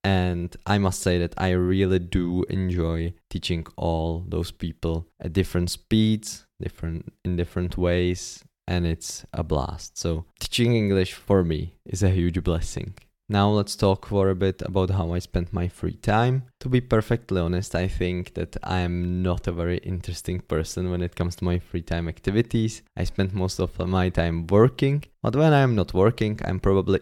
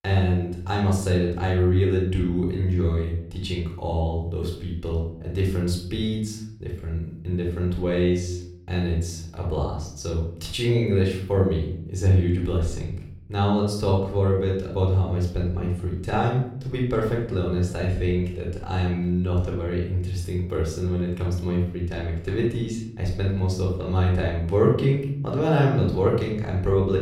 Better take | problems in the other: first | off-mic speech; somewhat distant // room echo; noticeable; dies away in 0.7 s

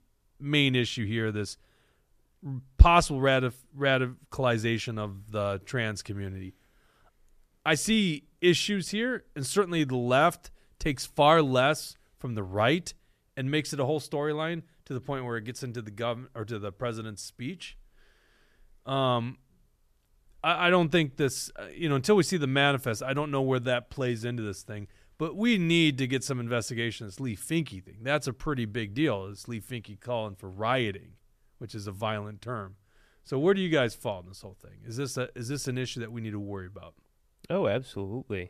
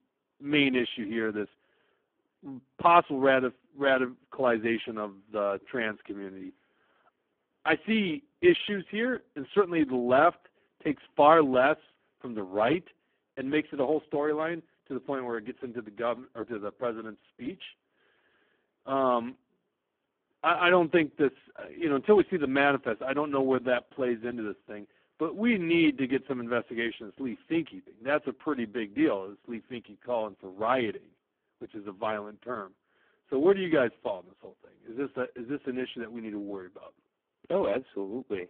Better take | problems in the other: first | phone-call audio; poor line

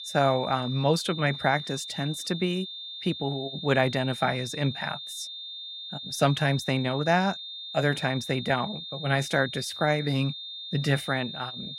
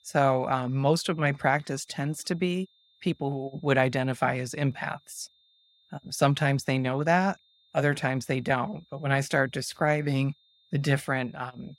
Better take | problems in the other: second | high-pitched whine; loud; throughout; 3.5 kHz, 9 dB below the speech; faint in the second

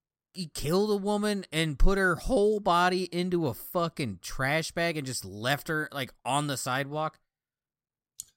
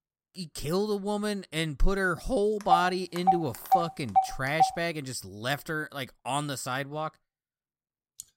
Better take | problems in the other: first | phone ringing; loud; from 2.5 to 4.5 s; peak 3 dB above the speech

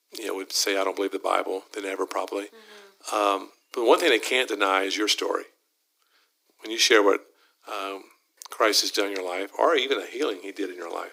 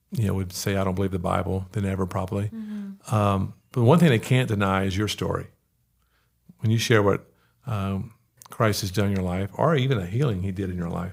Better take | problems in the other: second | thin; very; fading below 300 Hz

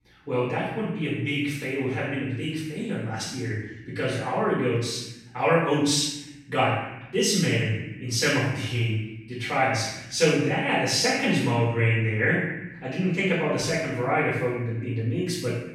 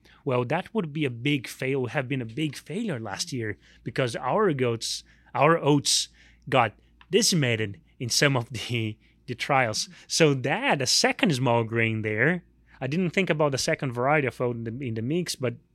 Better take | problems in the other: second | off-mic speech; far // room echo; strong; dies away in 0.9 s

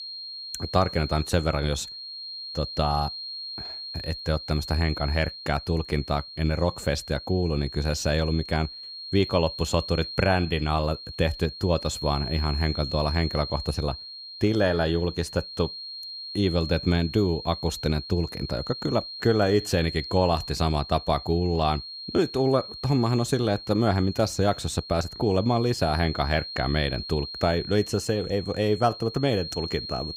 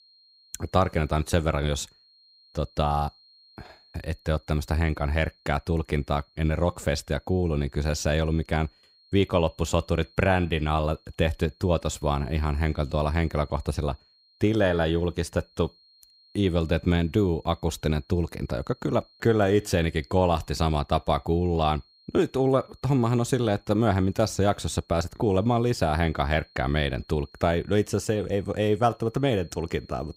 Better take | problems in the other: second | high-pitched whine; loud; throughout; 4 kHz, 10 dB below the speech; faint in the second

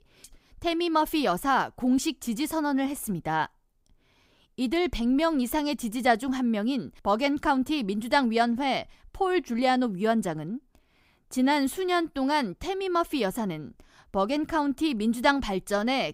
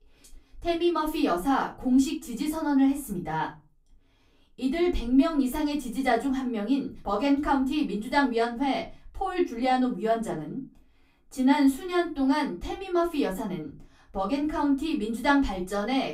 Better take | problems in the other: first | off-mic speech; far // room echo; very slight; dies away in 0.2 s

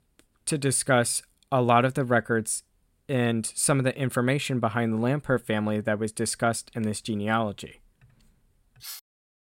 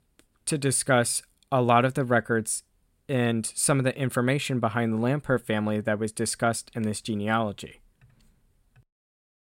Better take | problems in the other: second | clattering dishes; faint; at 9 s; peak 15 dB below the speech

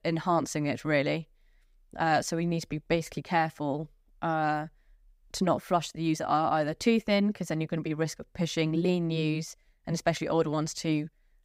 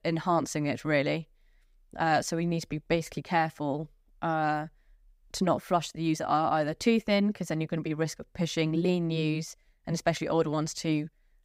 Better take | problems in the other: neither | none

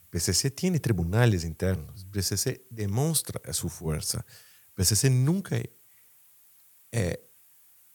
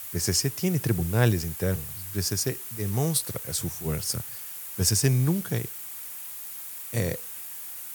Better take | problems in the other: first | hiss; loud; throughout; 8 dB below the speech; faint in the first

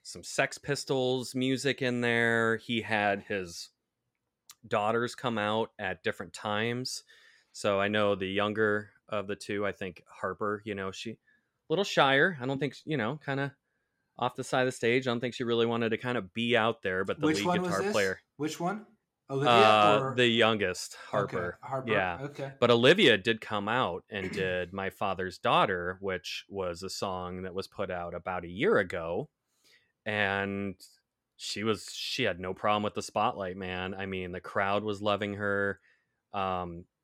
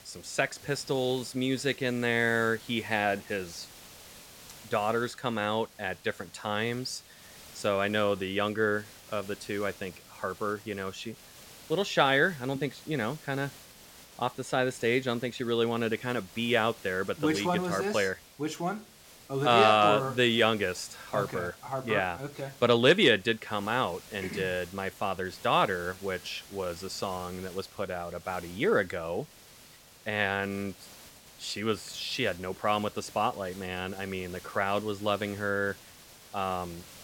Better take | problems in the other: first | hiss; noticeable; throughout; 20 dB below the speech

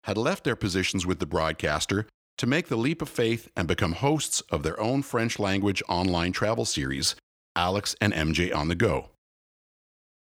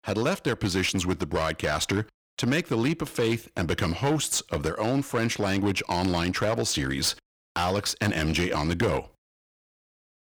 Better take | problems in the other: first | distortion; slight; 9% of the sound clipped

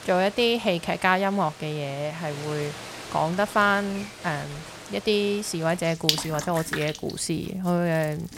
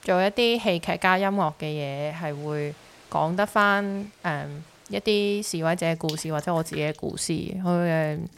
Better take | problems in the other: second | rain or running water; loud; throughout; 9 dB below the speech; faint in the second

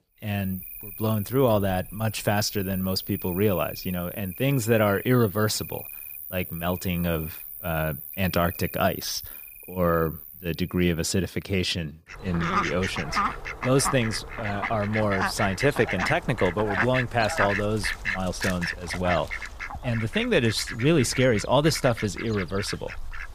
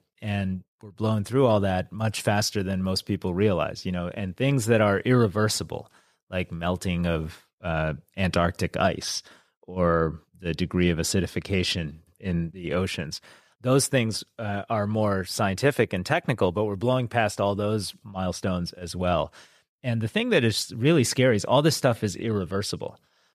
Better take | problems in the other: second | animal sounds; loud; throughout; 7 dB below the speech

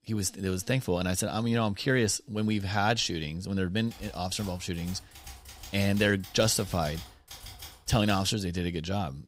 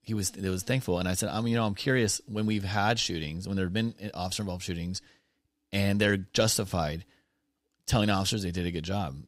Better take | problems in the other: second | keyboard typing; faint; from 4 to 8.5 s; peak 15 dB below the speech

